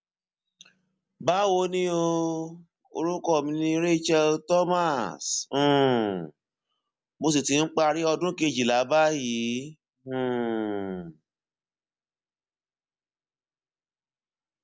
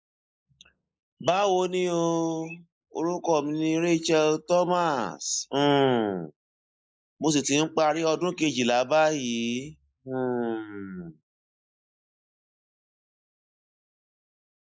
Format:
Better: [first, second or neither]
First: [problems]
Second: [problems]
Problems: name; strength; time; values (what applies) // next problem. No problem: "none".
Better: first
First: none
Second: noise reduction (neural mask model Resemble Enhance denoiser)